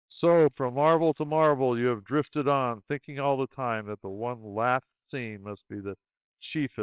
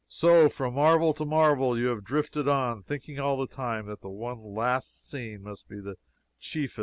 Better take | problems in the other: second | noise reduction (neural separator model SepFormer WHAMR!)

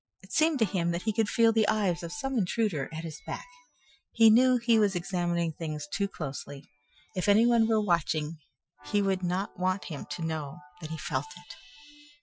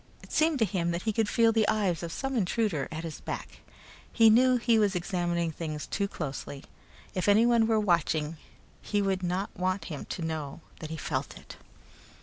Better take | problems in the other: second | noise reduction (classical method Wiener filter)

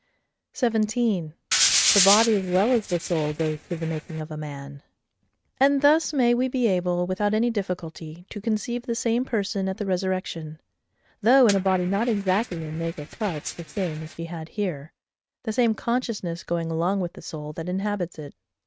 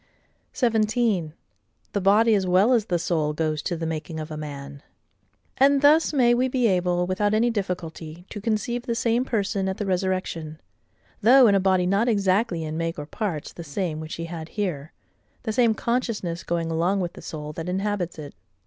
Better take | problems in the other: second | noise reduction (neural mask model RNNoise)

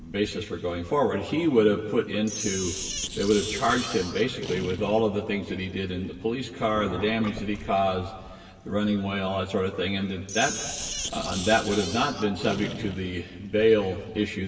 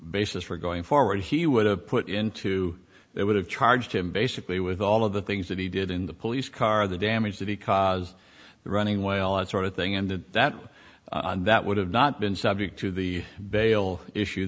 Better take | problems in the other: second | background sound (Sink (filling or washing)); 11 dB below the speech // room echo; dies away in 2 s

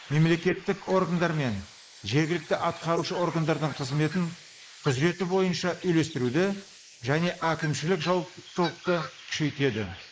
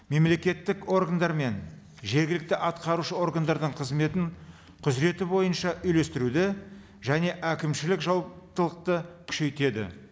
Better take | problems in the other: second | noise reduction (neural mask model Resemble Enhance denoiser)

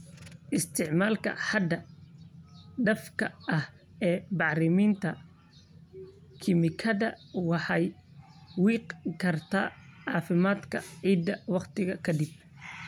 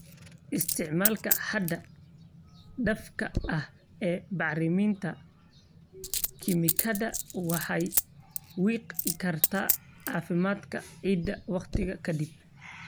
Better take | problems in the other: first | background sound (Coin (dropping)); 4 dB below the speech

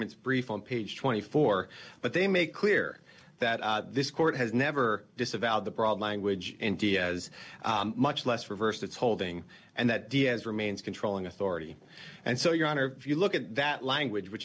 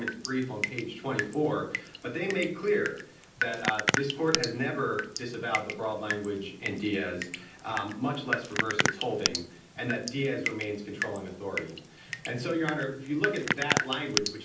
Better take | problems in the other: first | background sound (Drip); 2 dB below the speech // room echo; dies away in 0.6 s

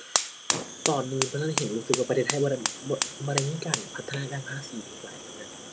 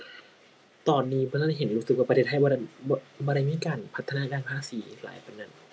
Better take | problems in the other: second | background sound (Fire); 2 dB below the speech

